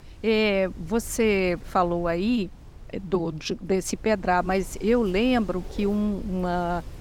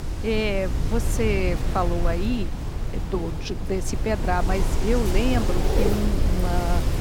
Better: first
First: wind noise on the microphone; occasional gusts; 25 dB below the speech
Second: wind noise on the microphone; heavy; 5 dB below the speech

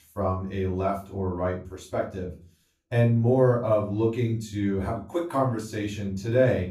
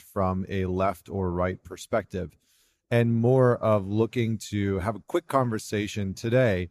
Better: second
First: off-mic speech; far // room echo; slight; dies away in 0.3 s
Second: none

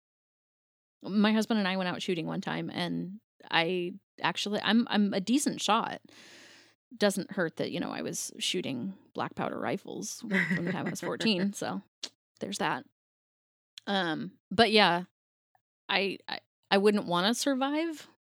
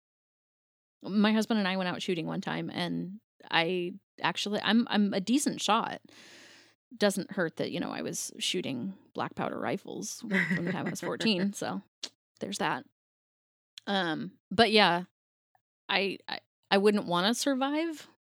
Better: neither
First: none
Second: none

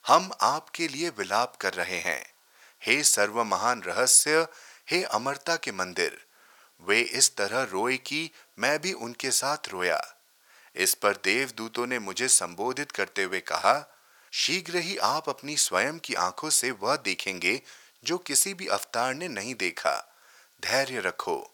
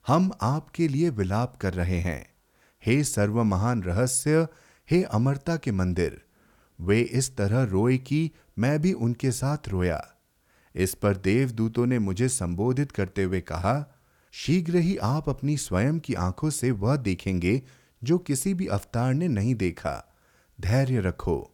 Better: second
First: thin; very; fading below 750 Hz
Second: none

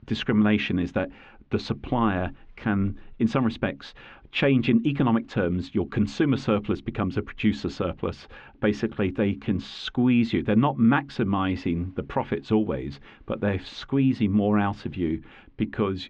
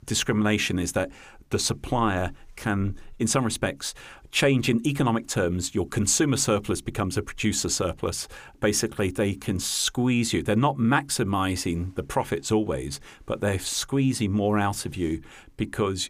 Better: second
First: muffled; very; fading above 3.5 kHz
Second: none

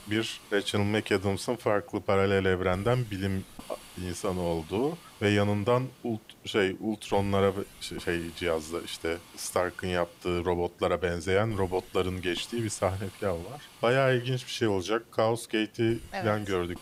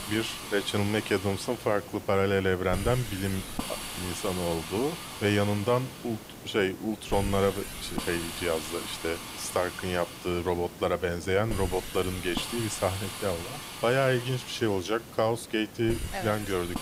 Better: first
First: hiss; faint; throughout; 20 dB below the speech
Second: hiss; loud; throughout; 9 dB below the speech

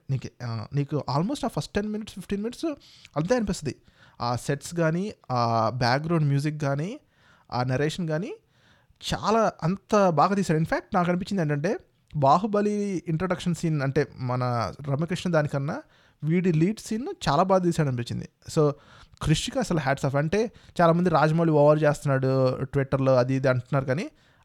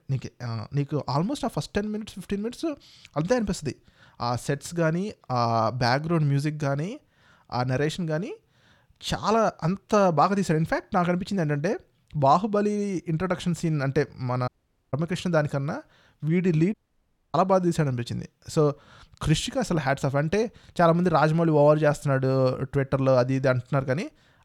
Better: first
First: none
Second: audio cutting out; at 14 s and at 17 s for 0.5 s

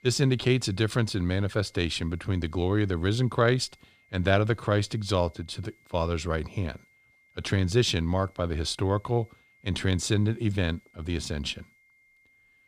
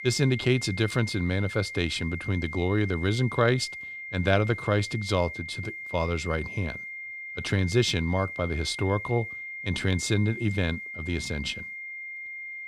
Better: first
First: high-pitched whine; faint; throughout; 2 kHz, 35 dB below the speech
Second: high-pitched whine; loud; throughout; 2 kHz, 8 dB below the speech

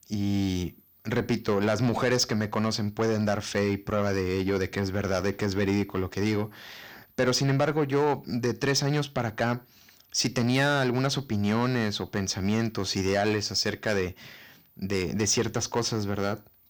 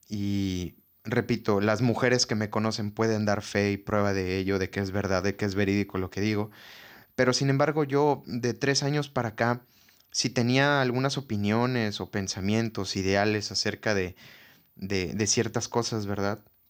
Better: second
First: distortion; slight; 10 dB below the speech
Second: none

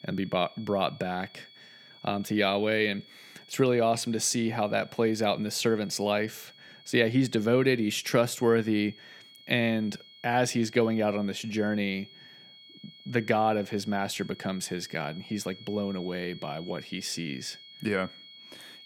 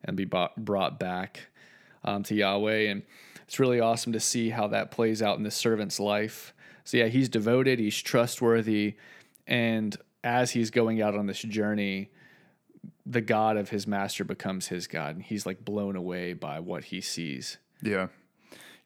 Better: second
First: high-pitched whine; faint; throughout; 3.5 kHz, 20 dB below the speech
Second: none

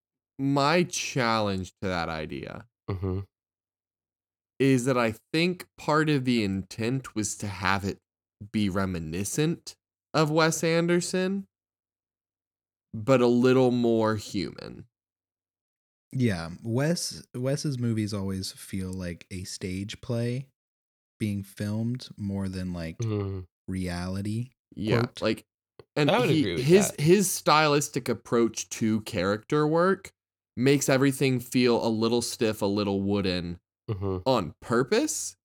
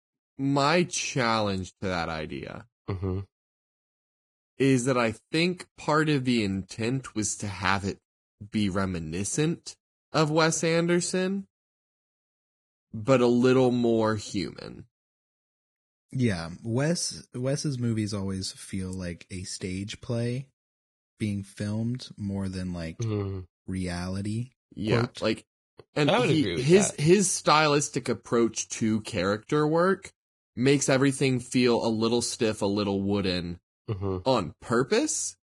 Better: first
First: none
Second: garbled, watery; badly; nothing above 10.5 kHz

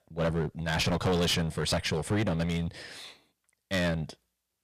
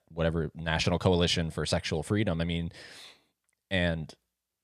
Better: second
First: distortion; heavy; 11% of the sound clipped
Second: none

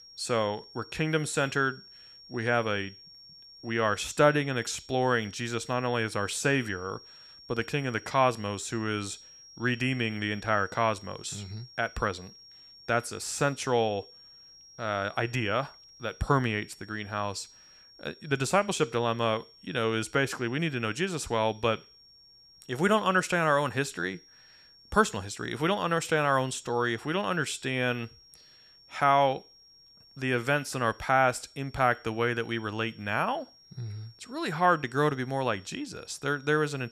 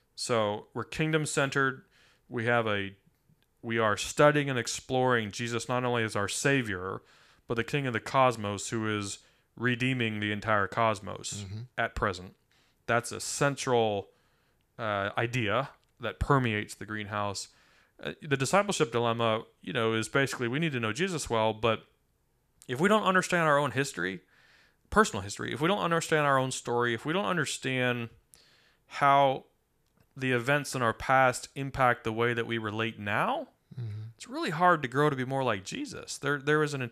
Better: second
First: high-pitched whine; faint; throughout; 5.5 kHz, 20 dB below the speech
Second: none

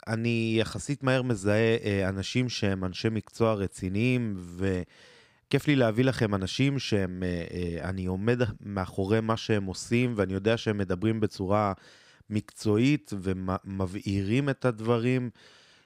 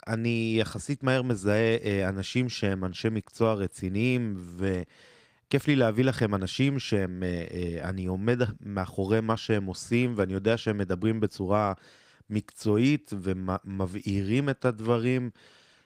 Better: first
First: none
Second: garbled, watery; slightly; nothing above 15.5 kHz

